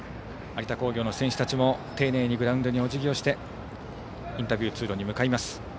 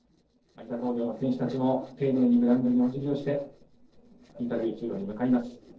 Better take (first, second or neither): first